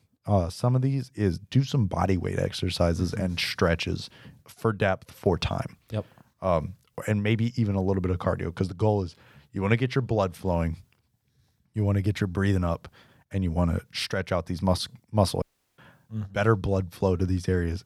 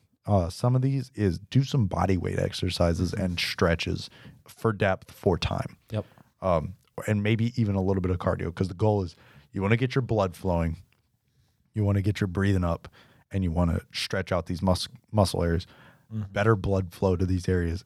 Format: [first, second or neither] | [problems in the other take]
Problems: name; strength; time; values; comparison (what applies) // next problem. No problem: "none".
second | audio cutting out; at 15 s